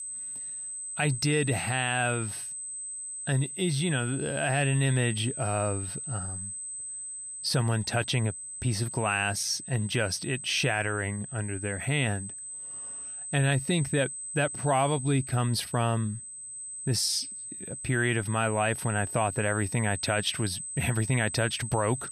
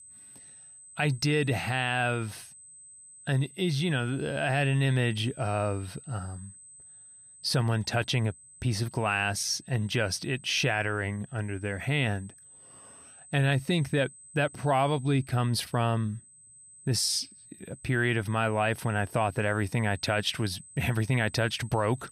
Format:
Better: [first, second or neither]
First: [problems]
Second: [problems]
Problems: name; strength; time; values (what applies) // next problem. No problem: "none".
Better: second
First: high-pitched whine; loud; throughout; 8 kHz, 7 dB below the speech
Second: high-pitched whine; faint; throughout; 8 kHz, 20 dB below the speech